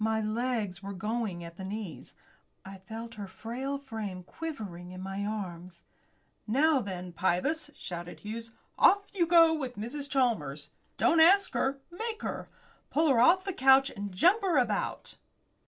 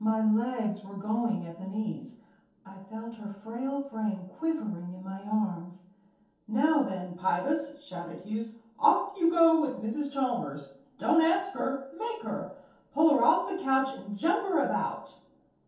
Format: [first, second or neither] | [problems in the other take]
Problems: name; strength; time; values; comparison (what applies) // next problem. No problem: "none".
first | room echo; dies away in 0.6 s